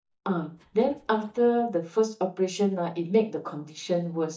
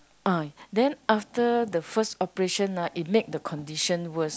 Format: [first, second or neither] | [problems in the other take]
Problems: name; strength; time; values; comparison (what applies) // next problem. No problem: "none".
second | noise reduction (neural mask model DeepFilterNet 3)